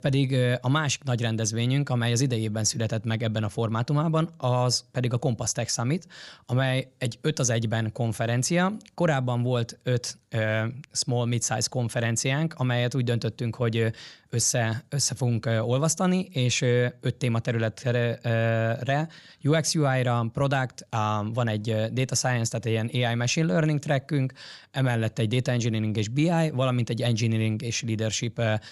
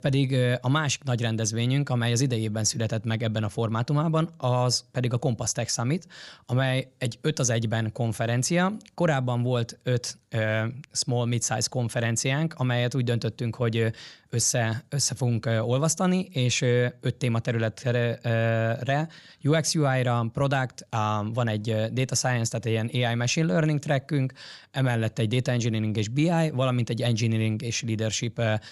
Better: neither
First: none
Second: none

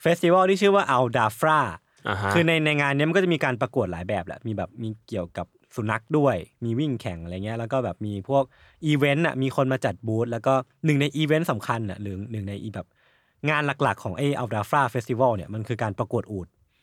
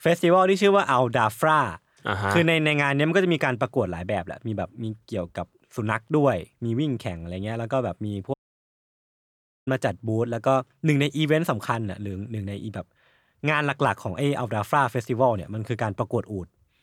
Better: first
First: none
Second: audio cutting out; at 8.5 s for 1.5 s

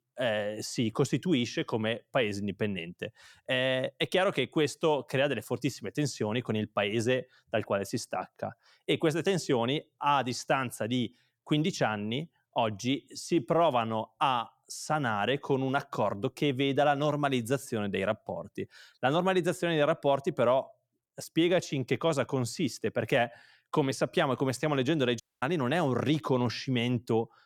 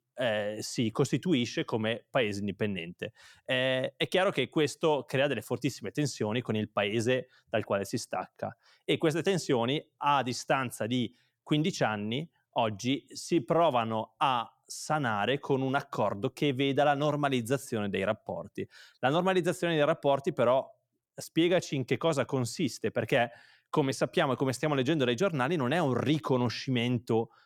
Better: second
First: audio cutting out; at 25 s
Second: none

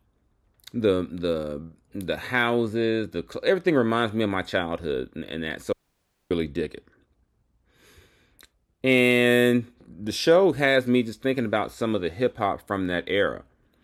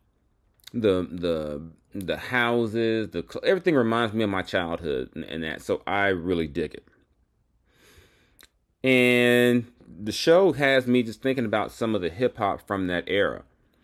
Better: second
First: audio cutting out; at 5.5 s for 0.5 s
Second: none

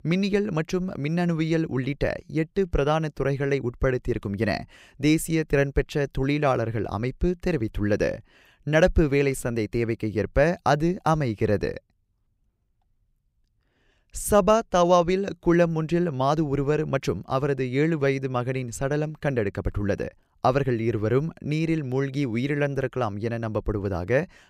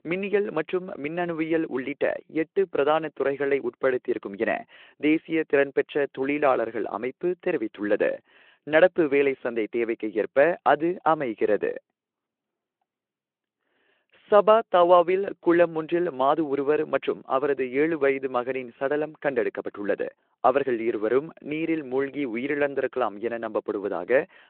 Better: first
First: none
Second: phone-call audio

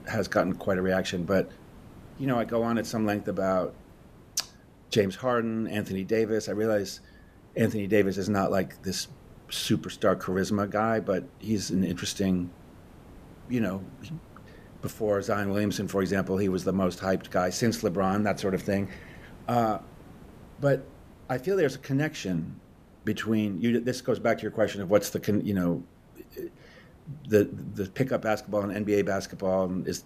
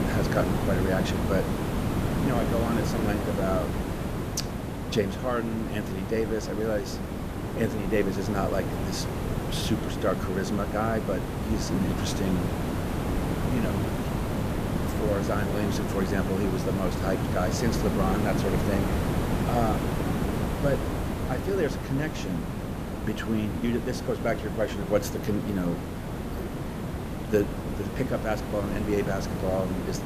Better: first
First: hiss; faint; throughout; 25 dB below the speech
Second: hiss; loud; throughout; as loud as the speech

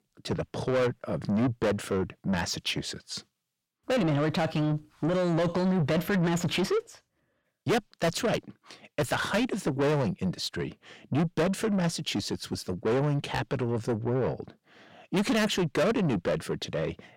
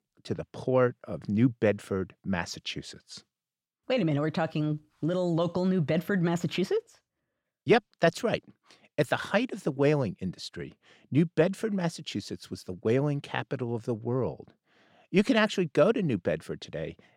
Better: second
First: distortion; heavy; 6 dB below the speech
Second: none

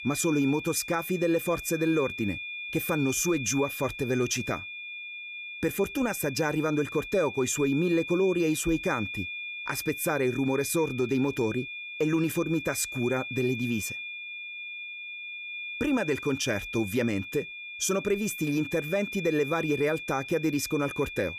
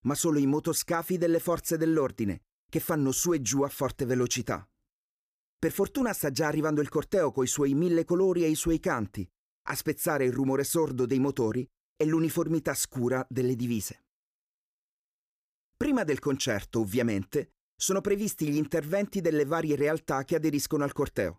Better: second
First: high-pitched whine; loud; throughout; 2.5 kHz, 8 dB below the speech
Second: none

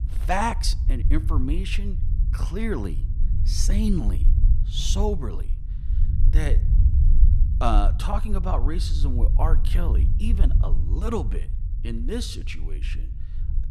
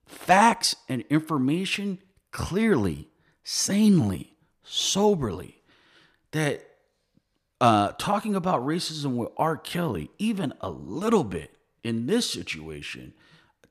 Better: second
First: low rumble; noticeable; throughout; 15 dB below the speech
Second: none

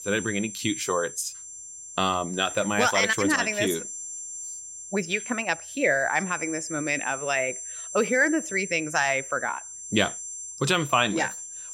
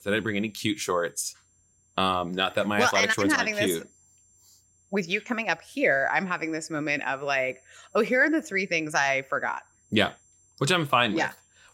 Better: second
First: high-pitched whine; loud; throughout; 7.5 kHz, 9 dB below the speech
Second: high-pitched whine; faint; throughout; 7.5 kHz, 35 dB below the speech

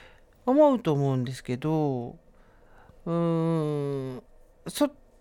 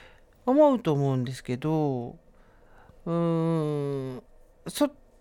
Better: neither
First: none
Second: none

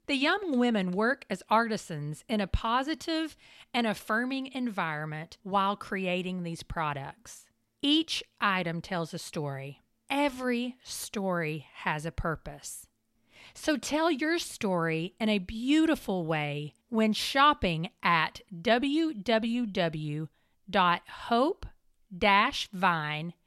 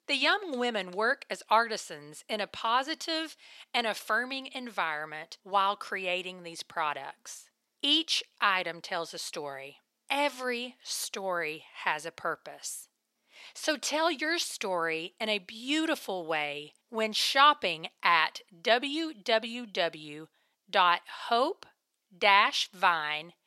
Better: first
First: none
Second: thin; somewhat; fading below 450 Hz

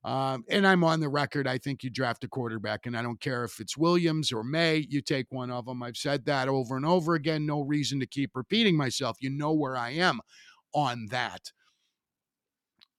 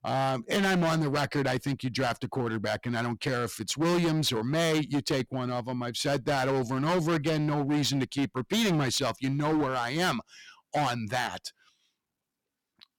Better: first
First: none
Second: distortion; heavy; 16% of the sound clipped

